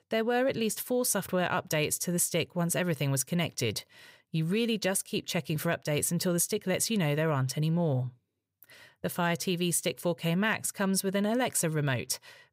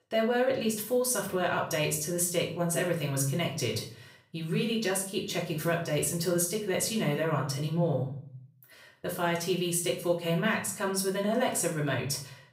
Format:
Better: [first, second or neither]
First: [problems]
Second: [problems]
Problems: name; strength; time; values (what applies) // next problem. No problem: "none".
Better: first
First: none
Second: room echo; slight; dies away in 0.4 s // off-mic speech; far